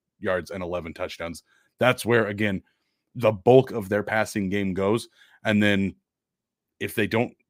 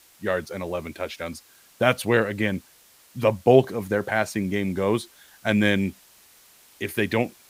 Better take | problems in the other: first | hiss; faint; throughout; 30 dB below the speech

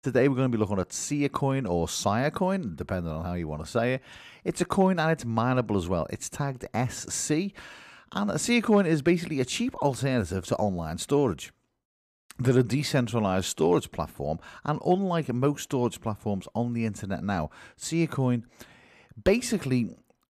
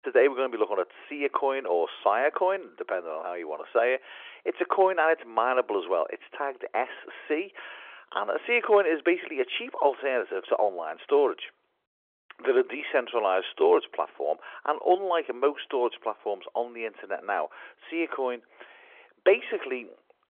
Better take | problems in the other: first | phone-call audio; nothing above 3.5 kHz

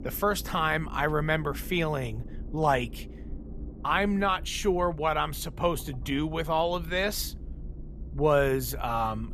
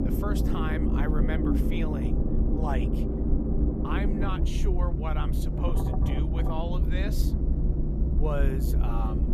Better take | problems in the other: first | low rumble; loud; throughout; as loud as the speech; faint in the first

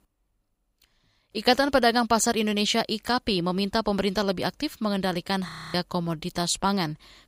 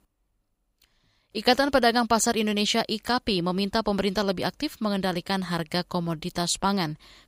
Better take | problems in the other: second | audio freezing; at 5.5 s

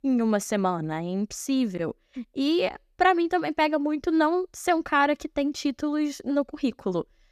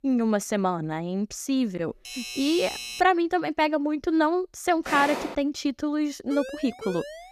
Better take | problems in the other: first | doorbell; noticeable; from 2 to 3 s; peak 7 dB below the speech // footsteps; noticeable; at 5 s; peak 4 dB below the speech // siren; faint; from 6.5 s on; peak 10 dB below the speech

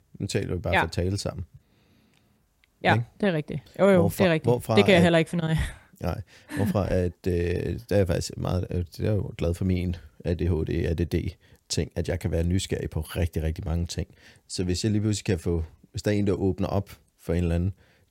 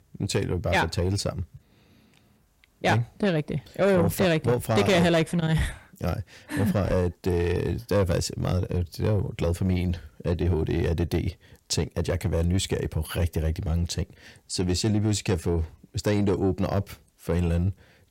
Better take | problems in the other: first | distortion; slight; 10 dB below the speech

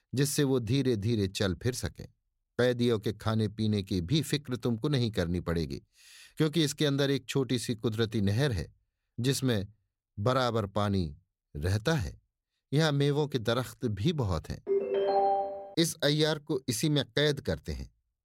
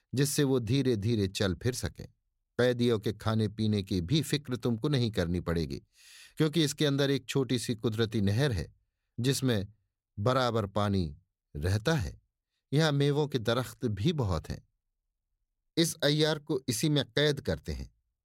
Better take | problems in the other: second | phone ringing; loud; at 15 s; peak 3 dB above the speech

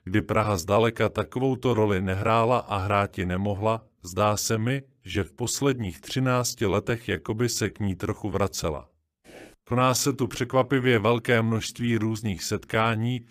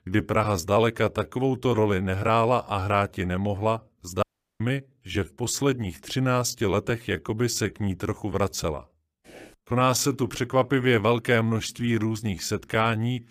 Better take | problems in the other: first | audio cutting out; at 4 s

